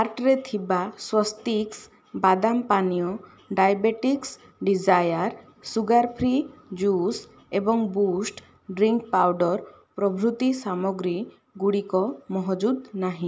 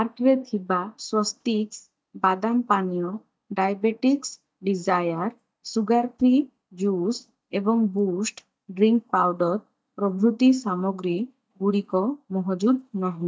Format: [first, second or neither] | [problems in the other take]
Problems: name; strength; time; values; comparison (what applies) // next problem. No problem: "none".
first | noise reduction (neural mask model DeepFilterNet 3)